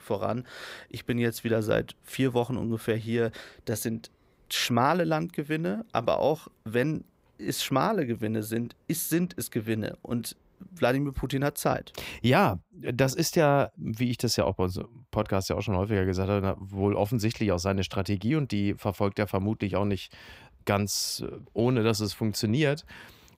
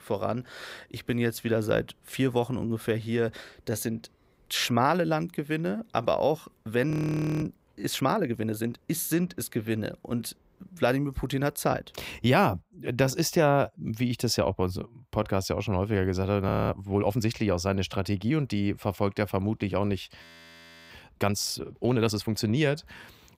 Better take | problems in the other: first | audio freezing; at 7 s for 0.5 s, at 16 s and at 20 s for 0.5 s

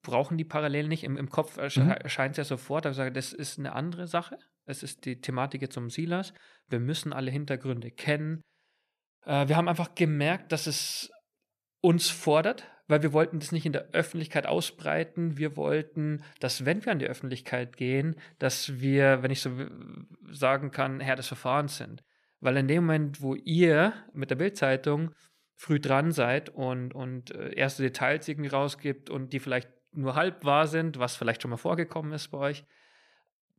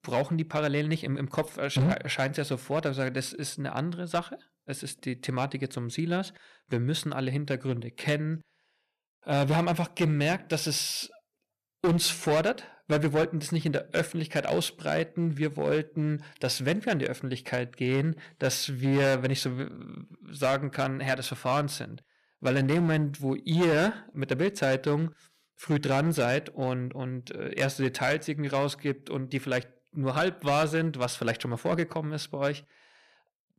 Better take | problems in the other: first | distortion; slight; 6% of the sound clipped

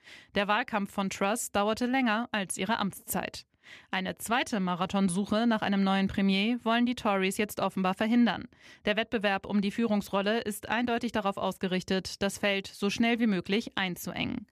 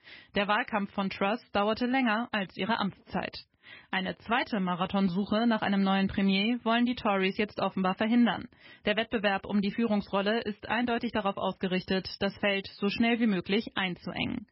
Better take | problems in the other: first | garbled, watery; badly; nothing above 5.5 kHz

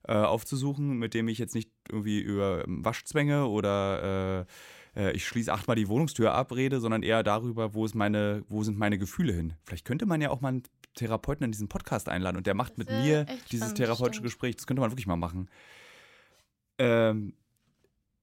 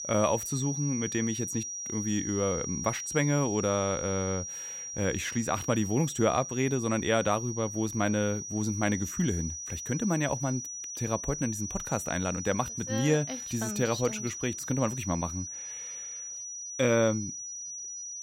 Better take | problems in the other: first | high-pitched whine; loud; throughout; 6 kHz, 6 dB below the speech

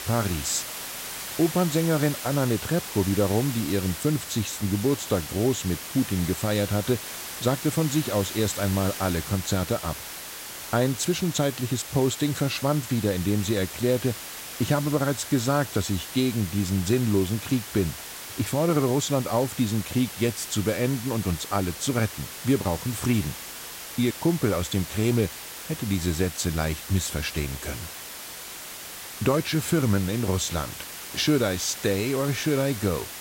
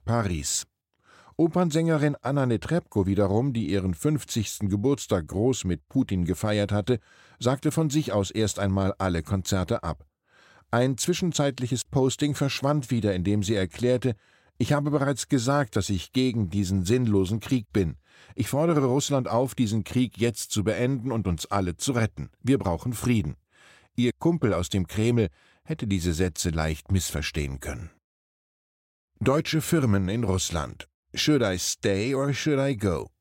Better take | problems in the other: second | hiss; loud; throughout; 9 dB below the speech

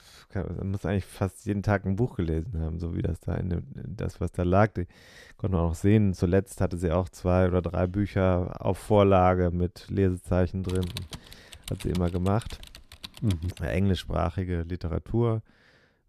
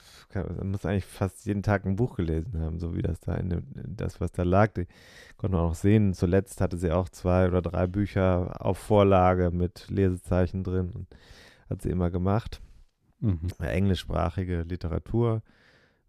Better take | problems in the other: second | keyboard typing; faint; from 11 to 14 s; peak 10 dB below the speech

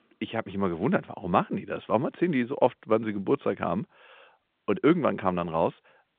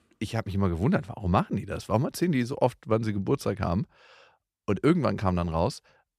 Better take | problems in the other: second | phone-call audio

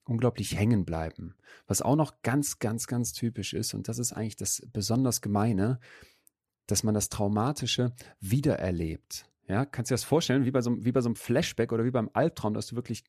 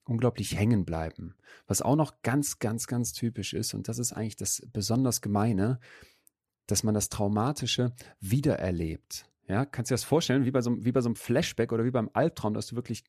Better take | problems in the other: neither | none

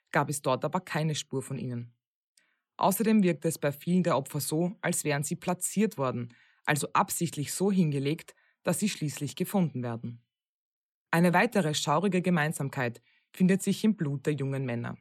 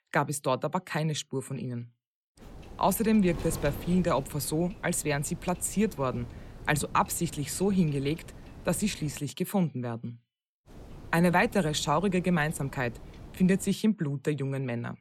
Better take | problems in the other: first | wind noise on the microphone; occasional gusts; from 2.5 to 9 s and from 11 to 14 s; 20 dB below the speech

